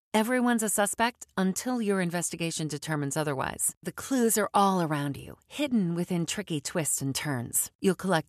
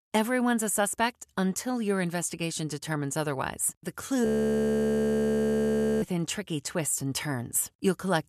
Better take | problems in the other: first | audio freezing; at 4.5 s for 2 s

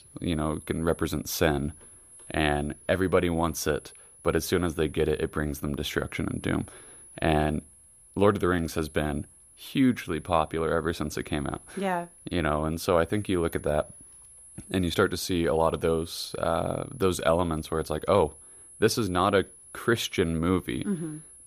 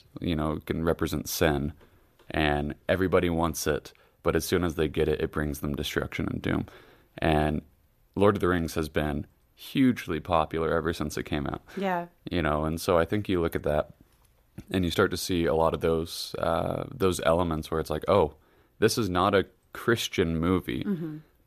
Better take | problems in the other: second | high-pitched whine; faint; throughout; 10.5 kHz, 20 dB below the speech

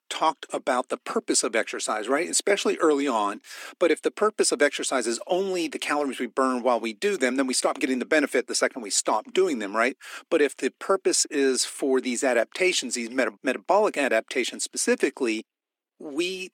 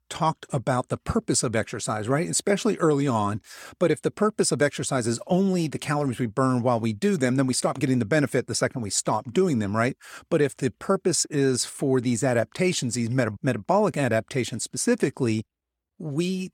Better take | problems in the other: second | thin; very slightly; fading below 250 Hz

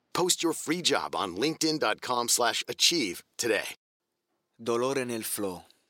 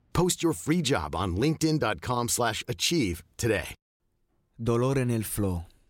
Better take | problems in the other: second | thin; somewhat; fading below 350 Hz

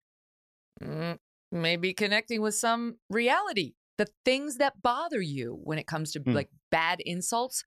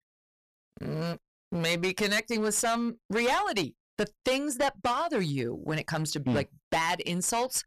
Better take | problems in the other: first | distortion; heavy; 10% of the sound clipped

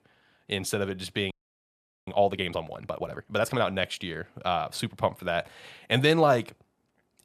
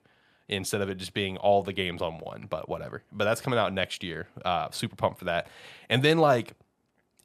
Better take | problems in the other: second | audio freezing; at 1.5 s for 1 s

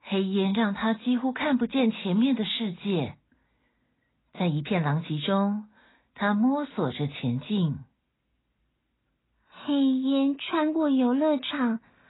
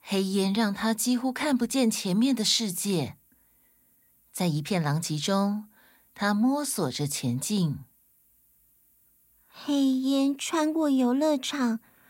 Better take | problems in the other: second | garbled, watery; badly; nothing above 4 kHz

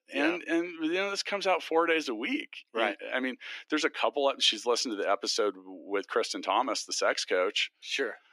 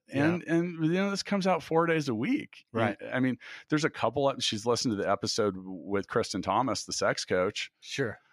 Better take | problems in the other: second | thin; somewhat; fading below 300 Hz

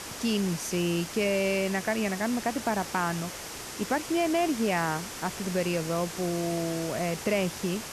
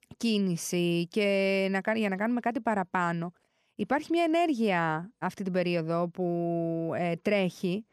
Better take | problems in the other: second | hiss; loud; throughout; 8 dB below the speech

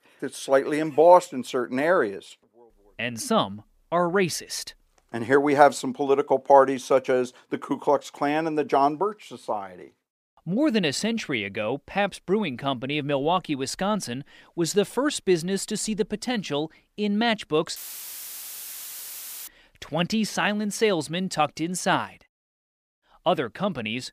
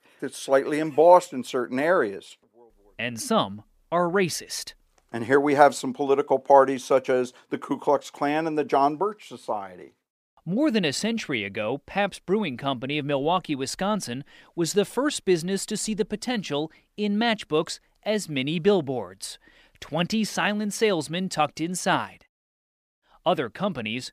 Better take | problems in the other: second | audio cutting out; filled with static; at 18 s for 1.5 s

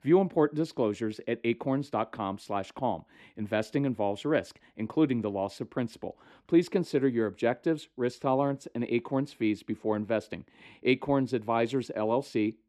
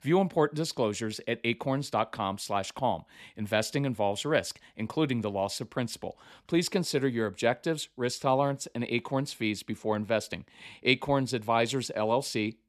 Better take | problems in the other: second | muffled; slightly; fading above 3.5 kHz

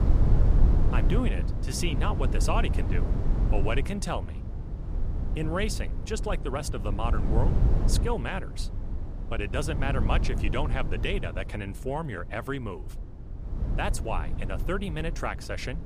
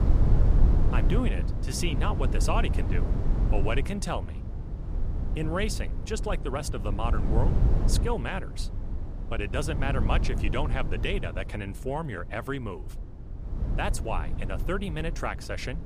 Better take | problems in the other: neither | low rumble; loud; throughout; 8 dB below the speech; the same in both

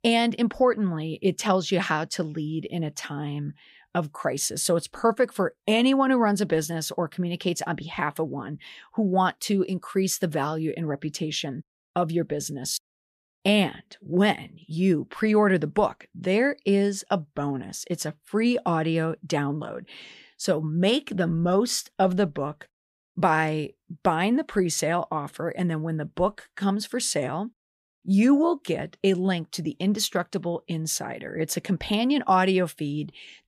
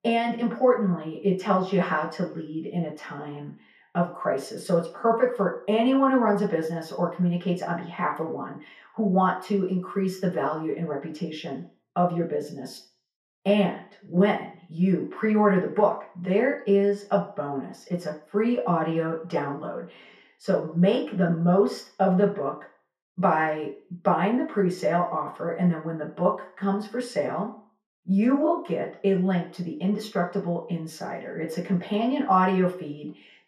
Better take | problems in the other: first | room echo; slight; dies away in 0.4 s // off-mic speech; far

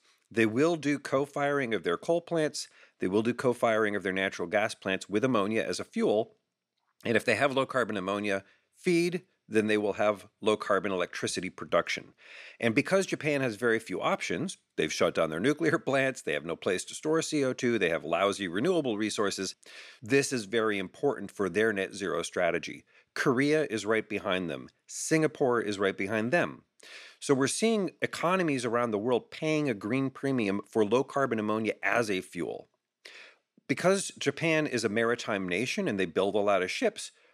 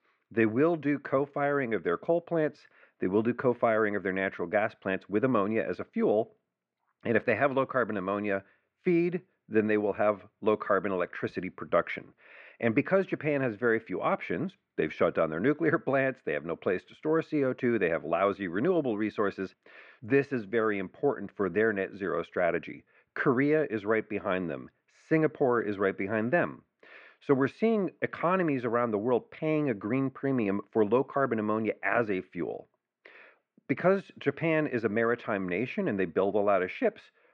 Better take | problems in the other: first | muffled; very; fading above 2 kHz

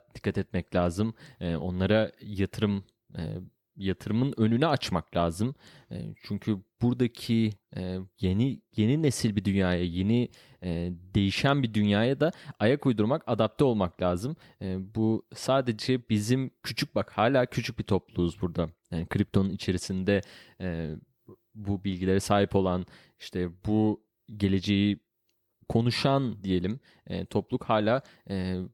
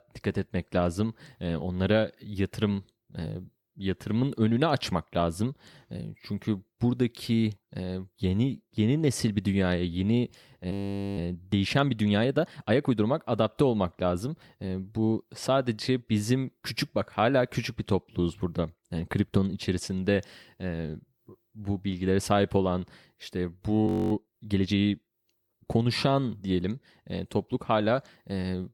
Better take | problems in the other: first | audio freezing; at 11 s and at 24 s

